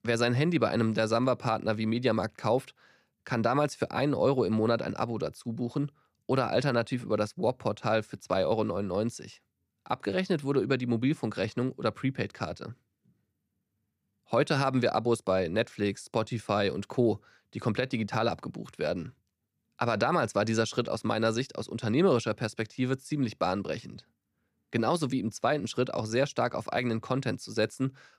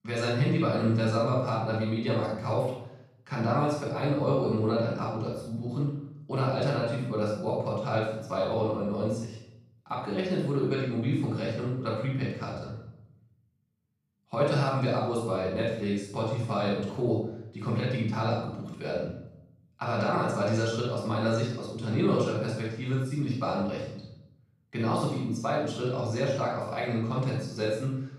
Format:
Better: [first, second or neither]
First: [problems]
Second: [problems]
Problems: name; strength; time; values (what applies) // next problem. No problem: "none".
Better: first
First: none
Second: off-mic speech; far // room echo; noticeable; dies away in 0.7 s